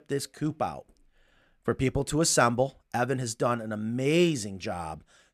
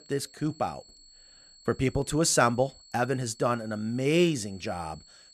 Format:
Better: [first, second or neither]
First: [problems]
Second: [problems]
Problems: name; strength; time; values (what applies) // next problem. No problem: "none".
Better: first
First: none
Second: high-pitched whine; faint; throughout; 4.5 kHz, 25 dB below the speech